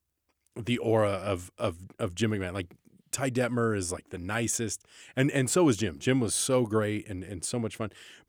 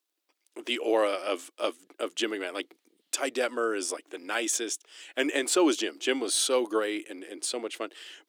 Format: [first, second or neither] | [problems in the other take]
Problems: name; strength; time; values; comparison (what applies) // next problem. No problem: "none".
first | thin; somewhat; fading below 300 Hz